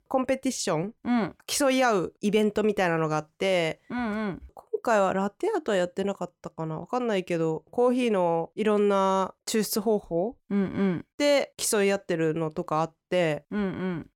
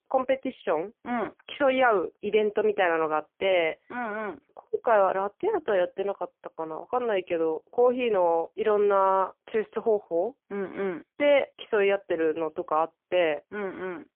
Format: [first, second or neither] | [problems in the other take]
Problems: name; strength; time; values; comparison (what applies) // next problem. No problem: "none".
first | phone-call audio; poor line; nothing above 3 kHz